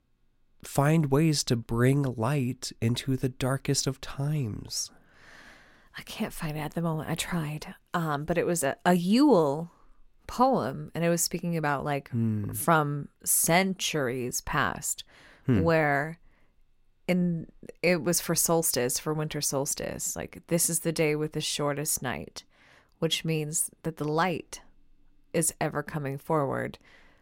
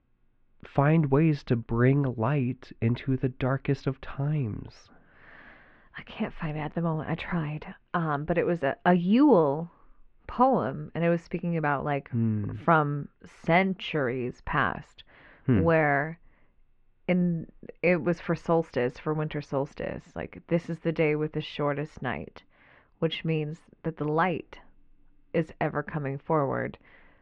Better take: first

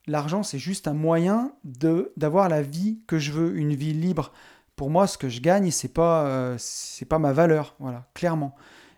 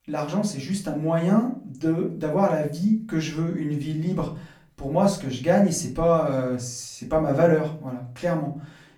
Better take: first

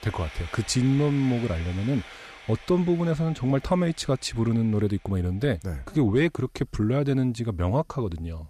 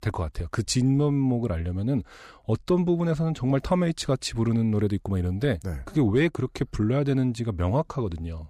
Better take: second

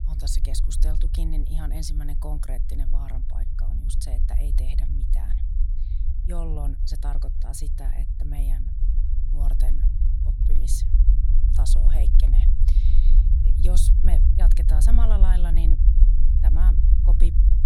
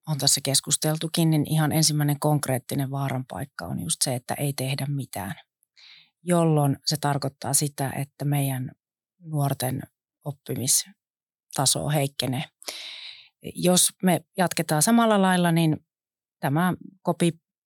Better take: second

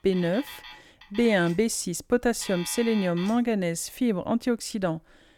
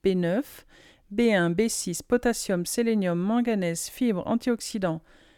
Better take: second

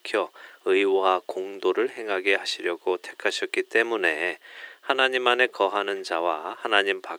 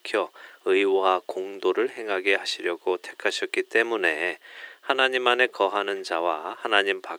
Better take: neither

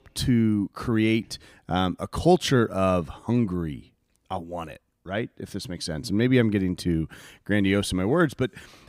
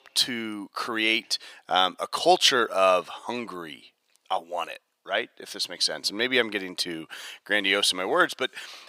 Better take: first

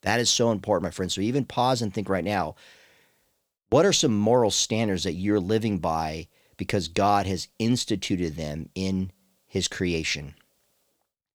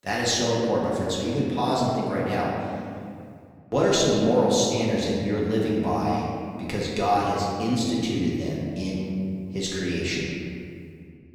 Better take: first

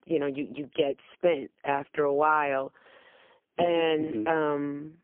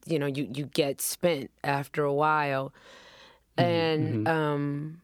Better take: second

